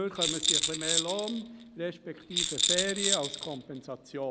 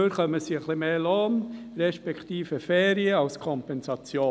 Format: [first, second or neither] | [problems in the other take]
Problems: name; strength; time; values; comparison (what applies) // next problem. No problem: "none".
second | background sound (Rattle); 4 dB above the speech